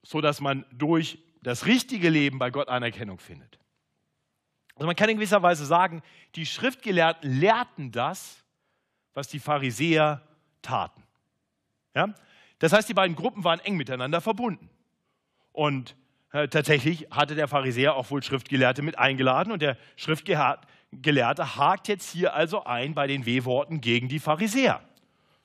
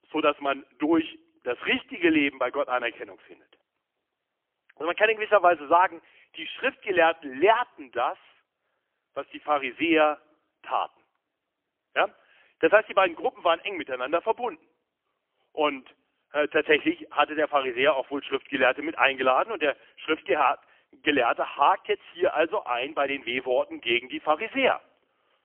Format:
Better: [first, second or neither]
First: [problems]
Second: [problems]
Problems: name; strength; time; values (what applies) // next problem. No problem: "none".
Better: first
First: none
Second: phone-call audio; poor line; nothing above 3 kHz